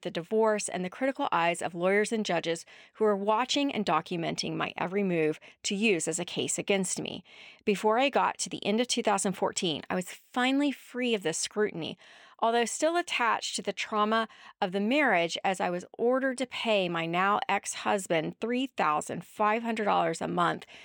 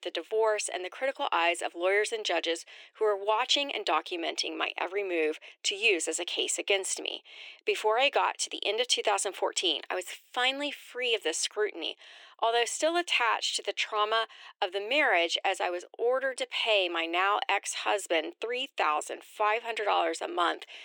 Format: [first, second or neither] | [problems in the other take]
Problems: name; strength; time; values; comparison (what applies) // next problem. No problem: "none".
first | thin; very; fading below 350 Hz